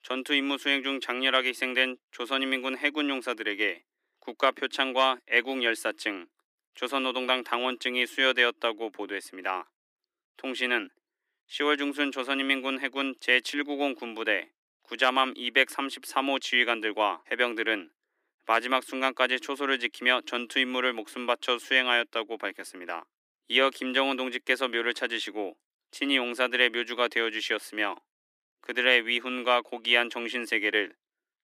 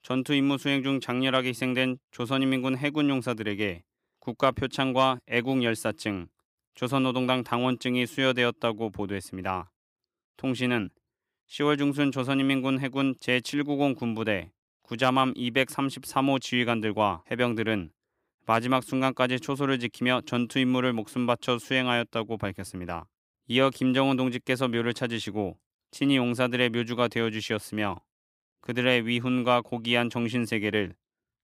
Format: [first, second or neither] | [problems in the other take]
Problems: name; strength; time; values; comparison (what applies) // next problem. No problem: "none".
second | thin; somewhat; fading below 300 Hz